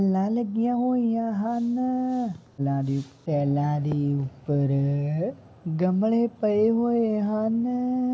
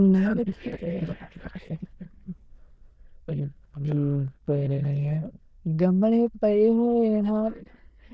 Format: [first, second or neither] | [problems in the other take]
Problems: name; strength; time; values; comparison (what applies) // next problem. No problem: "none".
first | noise reduction (neural diffusion model UNIVERSE++)